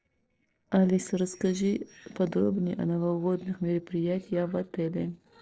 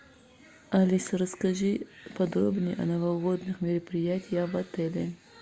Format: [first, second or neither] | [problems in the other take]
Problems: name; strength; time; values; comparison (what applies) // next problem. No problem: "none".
second | noise reduction (neural separator model SepFormer DNS4)